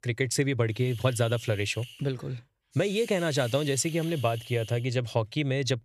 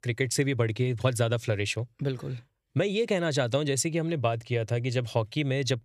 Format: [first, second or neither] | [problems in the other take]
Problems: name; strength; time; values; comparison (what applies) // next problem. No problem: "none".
second | hiss; noticeable; from 1 to 2 s and from 3 to 5 s; 15 dB below the speech